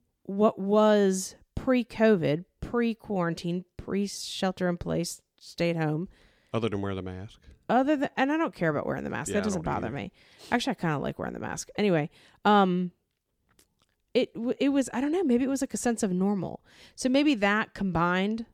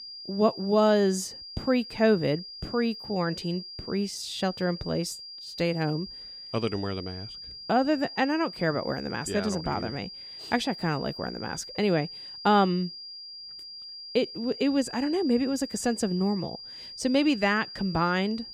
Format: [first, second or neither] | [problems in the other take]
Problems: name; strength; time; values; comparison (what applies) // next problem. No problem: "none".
first | high-pitched whine; noticeable; throughout; 5 kHz, 10 dB below the speech